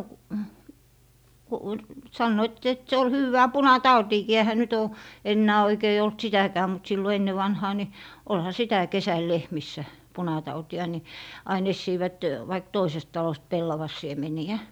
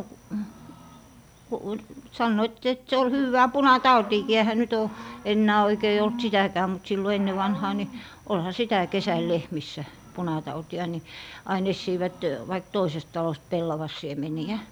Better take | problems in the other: first | background sound (Cricket / Growling); 17 dB below the speech

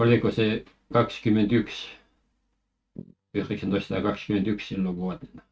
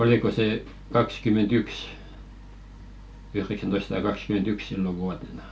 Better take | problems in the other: second | noise reduction (neural mask model RNNoise)

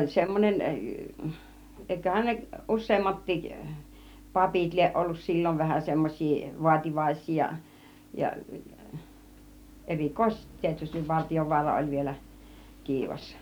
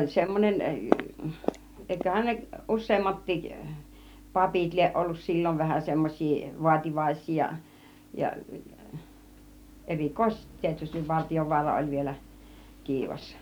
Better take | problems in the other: first | background sound (Walk, footsteps); 4 dB below the speech

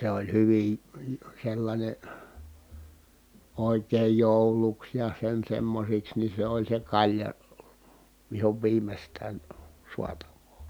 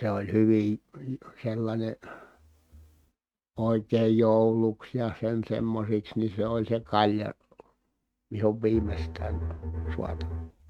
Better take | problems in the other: first | noise reduction (neural mask model RNNoise)

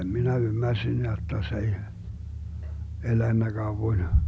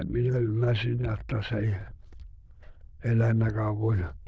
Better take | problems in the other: first | noise reduction (neural diffusion model UNIVERSE++)

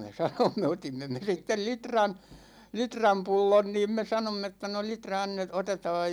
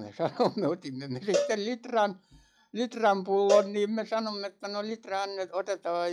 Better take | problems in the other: first | noise reduction (classical method log-MMSE)

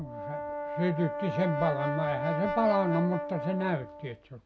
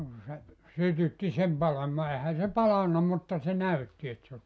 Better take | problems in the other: second | background sound (Brass instrument); 4 dB below the speech

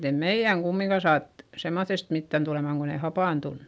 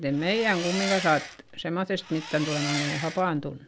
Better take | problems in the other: first | background sound (Engine); 8 dB below the speech

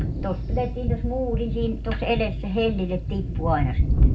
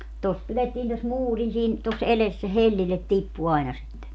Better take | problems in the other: second | background sound (Thunder); 1 dB above the speech // room echo; dies away in 0.3 s

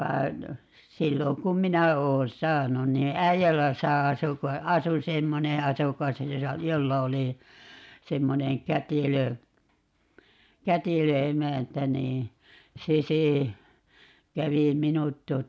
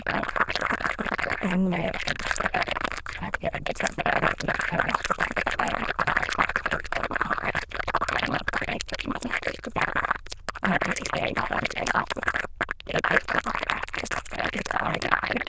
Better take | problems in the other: first | noise reduction (neural diffusion model UNIVERSE++)

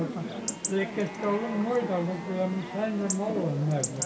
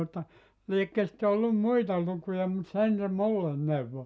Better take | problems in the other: second | background sound (Chatter / Chirp, tweet / Livestock, farm animals, working animals); 6 dB below the speech // room echo; dies away in 1.5 s

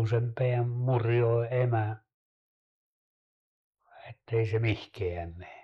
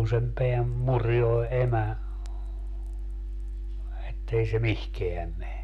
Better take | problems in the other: second | noise reduction (neural mask model Resemble Enhance denoiser)

